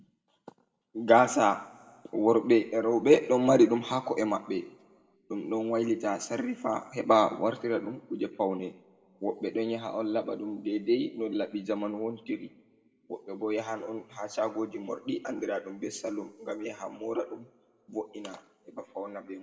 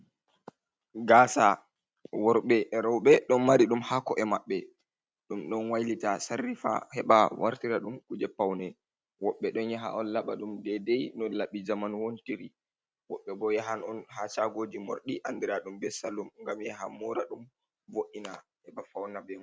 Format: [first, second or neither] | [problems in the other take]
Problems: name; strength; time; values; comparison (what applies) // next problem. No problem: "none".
second | room echo; dies away in 1.2 s